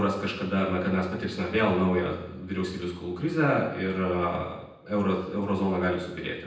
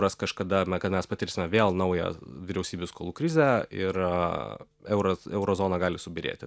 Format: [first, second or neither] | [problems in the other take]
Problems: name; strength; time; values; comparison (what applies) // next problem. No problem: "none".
second | room echo; dies away in 0.9 s